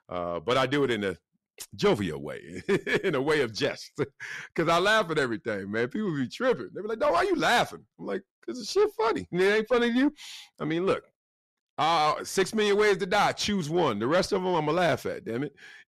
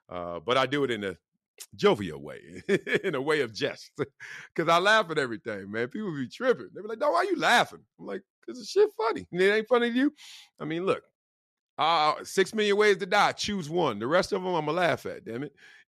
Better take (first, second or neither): second